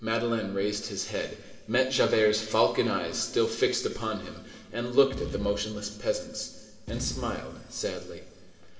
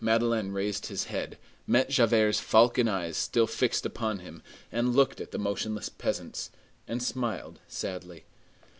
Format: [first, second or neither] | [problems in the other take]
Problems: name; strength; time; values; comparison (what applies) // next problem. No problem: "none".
second | background sound (Boom); 12 dB below the speech // room echo; dies away in 2.5 s